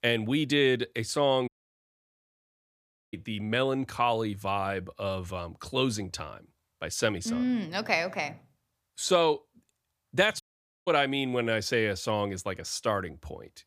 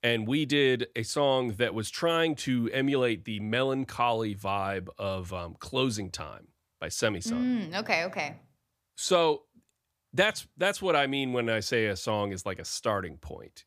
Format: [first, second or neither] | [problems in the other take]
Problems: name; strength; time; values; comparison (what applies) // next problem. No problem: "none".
second | audio cutting out; at 1.5 s for 1.5 s and at 10 s